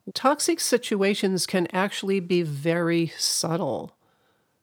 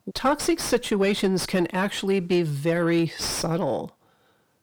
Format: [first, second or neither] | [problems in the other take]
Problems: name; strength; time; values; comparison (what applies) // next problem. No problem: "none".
first | distortion; slight; 8 dB below the speech